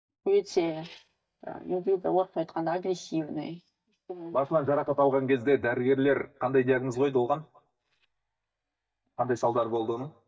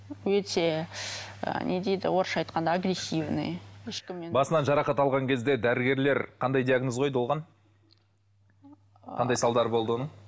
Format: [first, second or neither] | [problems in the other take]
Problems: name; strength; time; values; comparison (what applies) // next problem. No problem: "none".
second | noise reduction (neural mask model DeepFilterNet 3)